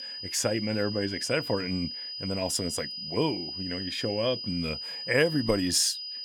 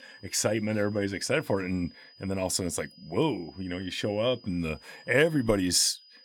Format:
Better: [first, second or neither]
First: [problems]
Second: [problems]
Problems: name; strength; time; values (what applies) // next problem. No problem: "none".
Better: second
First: high-pitched whine; loud; throughout; 5 kHz, 6 dB below the speech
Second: high-pitched whine; faint; throughout; 5 kHz, 25 dB below the speech